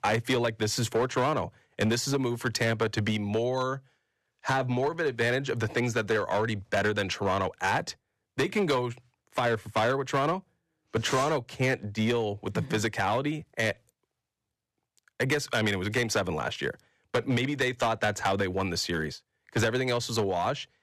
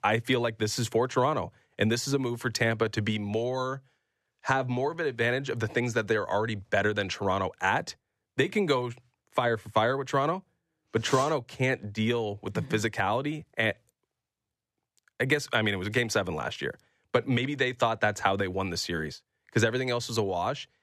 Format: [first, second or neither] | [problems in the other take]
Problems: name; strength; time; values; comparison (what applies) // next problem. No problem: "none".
second | distortion; slight; 7% of the sound clipped